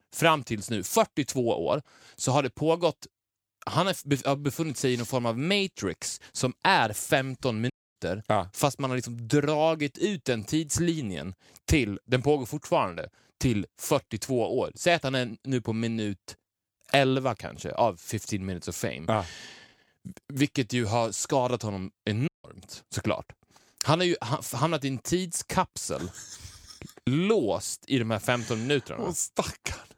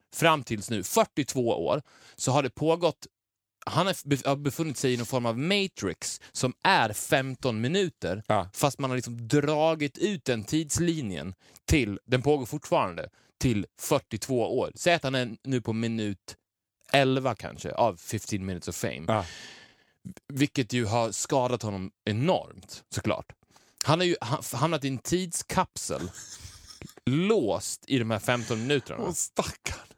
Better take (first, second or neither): second